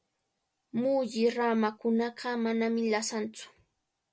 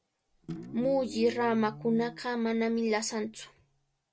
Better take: first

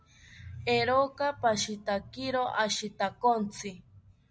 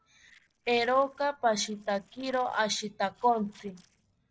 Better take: first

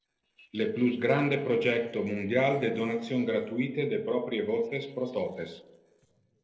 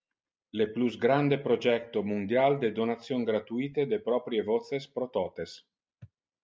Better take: second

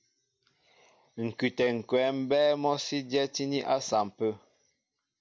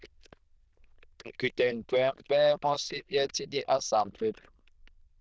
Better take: first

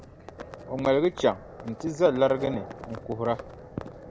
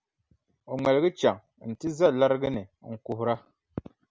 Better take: second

